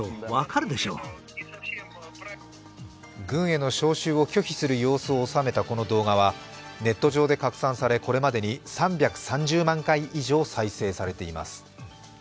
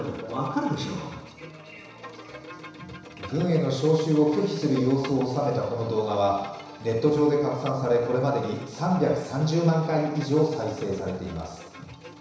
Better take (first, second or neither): first